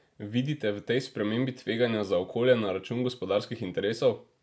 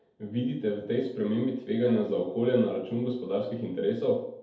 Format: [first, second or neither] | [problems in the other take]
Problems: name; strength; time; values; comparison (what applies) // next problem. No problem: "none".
first | room echo; dies away in 2.1 s